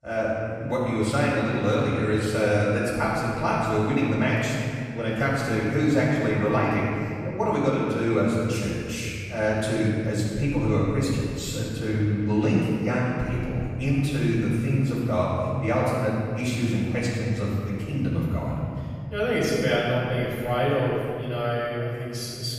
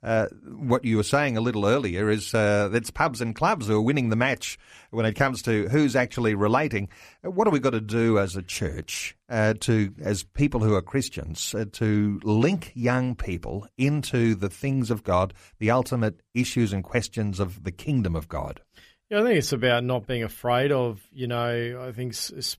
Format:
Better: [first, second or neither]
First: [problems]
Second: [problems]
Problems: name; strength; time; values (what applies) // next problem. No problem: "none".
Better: second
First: room echo; strong; dies away in 2.7 s // off-mic speech; far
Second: none